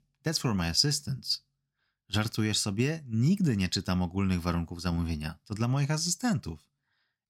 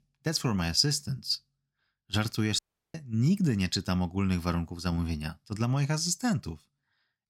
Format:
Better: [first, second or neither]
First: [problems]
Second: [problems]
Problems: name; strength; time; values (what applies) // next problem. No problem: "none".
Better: first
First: none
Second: audio cutting out; at 2.5 s